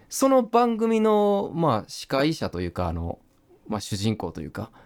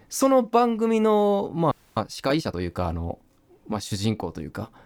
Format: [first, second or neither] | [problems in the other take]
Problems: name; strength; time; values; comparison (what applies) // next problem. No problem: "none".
first | audio freezing; at 1.5 s